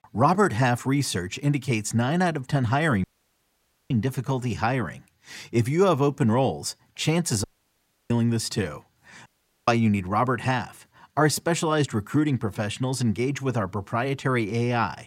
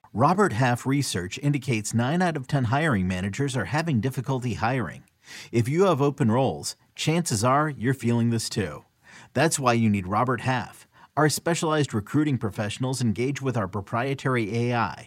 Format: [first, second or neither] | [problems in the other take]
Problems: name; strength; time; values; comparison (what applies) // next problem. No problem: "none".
second | audio cutting out; at 3 s for 1 s, at 7.5 s for 0.5 s and at 9.5 s